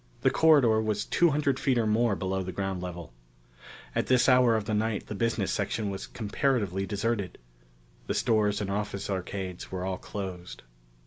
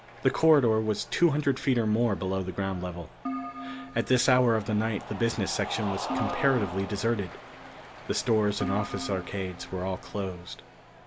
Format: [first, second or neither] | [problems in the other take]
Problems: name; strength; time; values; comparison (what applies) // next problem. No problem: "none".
first | background sound (Keyboard (musical) + Cheering); 11 dB below the speech